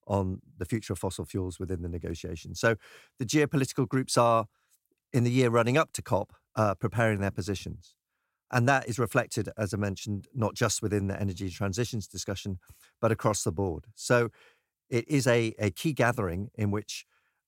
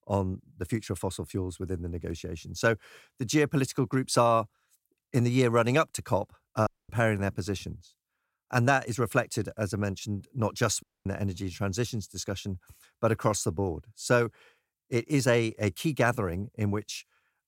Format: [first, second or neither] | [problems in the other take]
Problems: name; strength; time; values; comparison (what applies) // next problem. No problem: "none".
first | audio cutting out; at 6.5 s and at 11 s